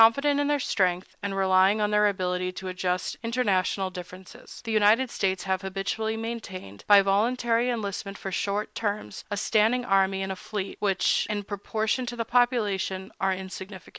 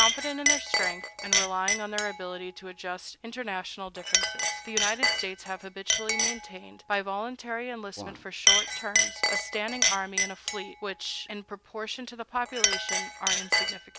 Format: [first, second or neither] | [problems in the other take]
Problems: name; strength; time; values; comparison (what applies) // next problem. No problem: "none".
first | background sound (Chink, clink); 5 dB above the speech